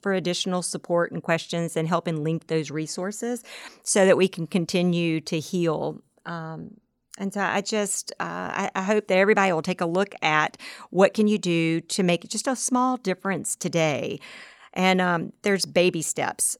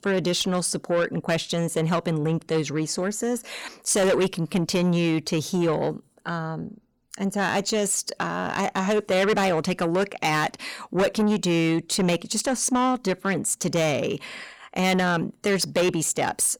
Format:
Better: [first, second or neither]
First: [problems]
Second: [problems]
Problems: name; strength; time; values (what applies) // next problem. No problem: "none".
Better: first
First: none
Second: distortion; heavy; 8 dB below the speech